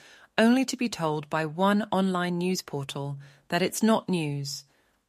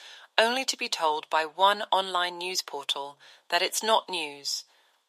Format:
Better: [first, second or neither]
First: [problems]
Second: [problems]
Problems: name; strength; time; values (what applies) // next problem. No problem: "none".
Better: first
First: none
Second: thin; very; fading below 500 Hz